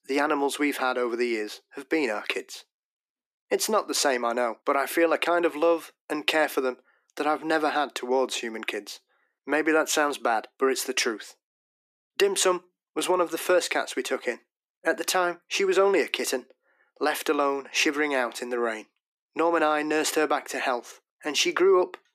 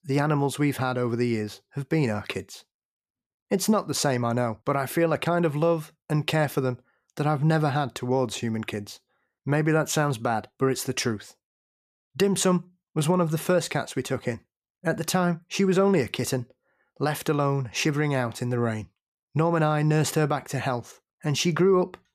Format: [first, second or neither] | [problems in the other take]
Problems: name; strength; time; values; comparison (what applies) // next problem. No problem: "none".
second | thin; somewhat; fading below 300 Hz